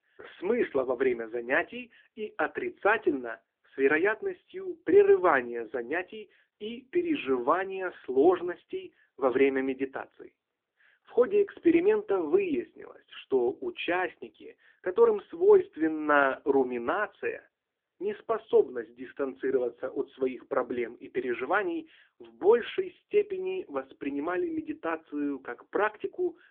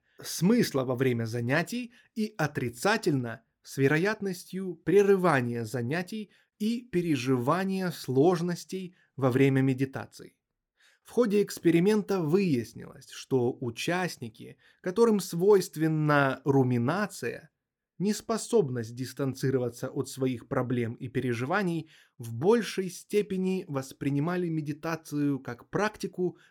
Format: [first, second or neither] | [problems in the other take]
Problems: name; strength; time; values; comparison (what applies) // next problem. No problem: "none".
second | phone-call audio